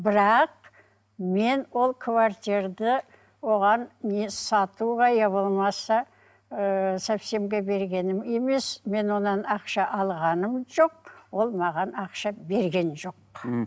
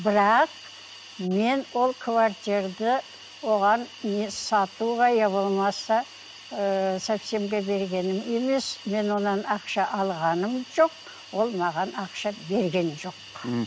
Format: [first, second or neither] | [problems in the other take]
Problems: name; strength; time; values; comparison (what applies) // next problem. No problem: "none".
first | background sound (Hiss); 19 dB below the speech